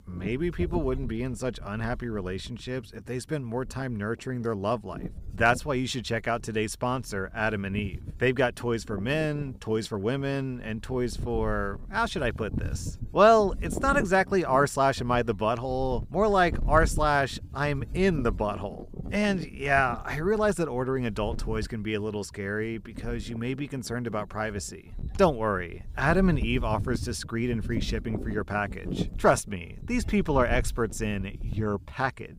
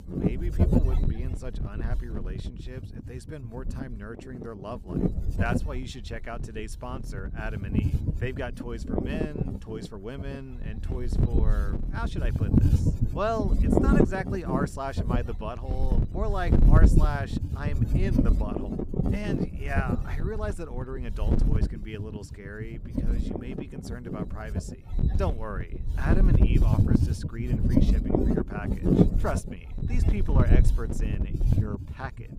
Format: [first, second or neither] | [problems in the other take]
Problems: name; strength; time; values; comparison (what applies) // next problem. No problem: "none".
first | wind noise on the microphone; heavy; 1 dB above the speech; occasional gusts in the first